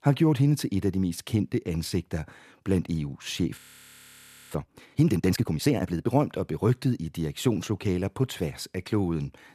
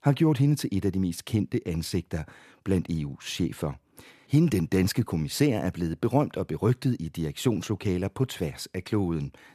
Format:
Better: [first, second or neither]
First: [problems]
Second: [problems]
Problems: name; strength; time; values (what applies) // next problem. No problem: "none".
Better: second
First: audio freezing; at 3.5 s for 1 s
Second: none